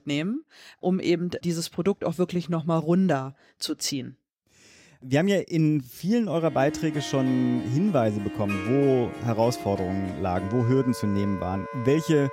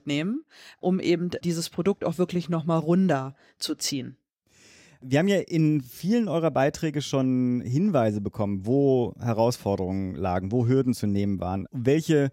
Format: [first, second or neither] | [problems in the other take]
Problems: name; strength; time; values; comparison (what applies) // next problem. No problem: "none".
second | background music; noticeable; from 6.5 s on; 10 dB below the speech